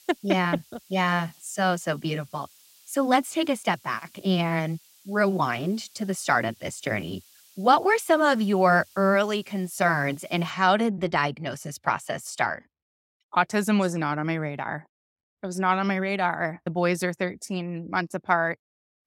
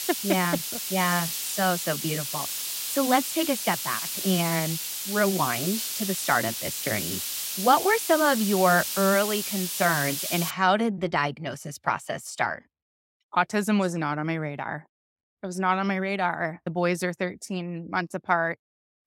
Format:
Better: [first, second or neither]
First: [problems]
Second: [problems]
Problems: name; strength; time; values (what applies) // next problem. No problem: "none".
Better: first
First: hiss; faint; until 11 s; 30 dB below the speech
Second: hiss; loud; until 11 s; 3 dB below the speech